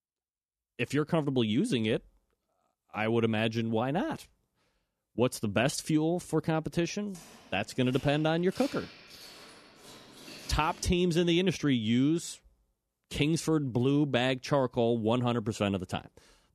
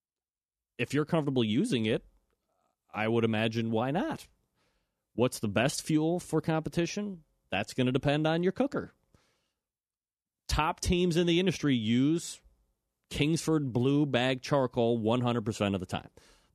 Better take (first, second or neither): second